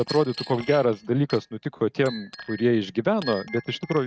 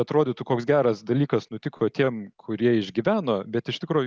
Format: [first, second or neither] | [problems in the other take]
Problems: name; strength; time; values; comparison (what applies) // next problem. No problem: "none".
second | noise reduction (neural mask model RNNoise)